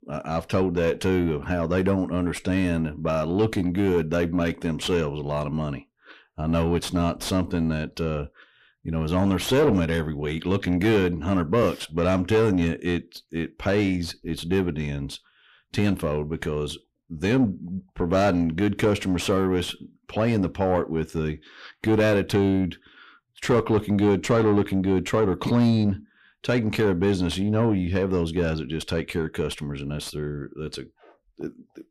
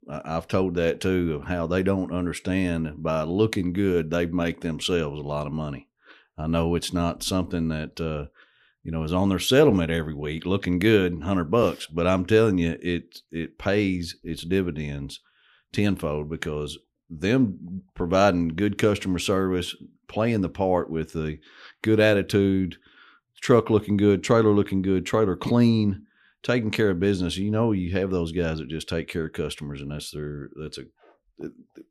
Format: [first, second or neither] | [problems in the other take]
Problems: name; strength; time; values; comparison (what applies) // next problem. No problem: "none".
second | distortion; slight; 10 dB below the speech